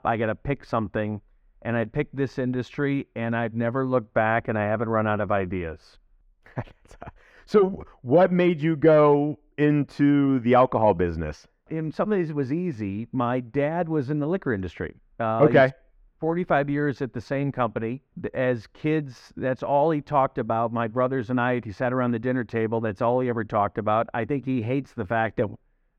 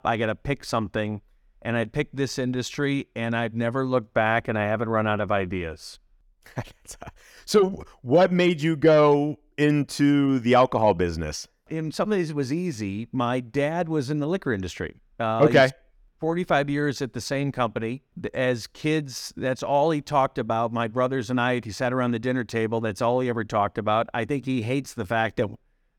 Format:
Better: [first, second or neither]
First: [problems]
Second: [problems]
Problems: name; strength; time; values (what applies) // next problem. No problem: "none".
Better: second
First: muffled; very; fading above 4 kHz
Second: none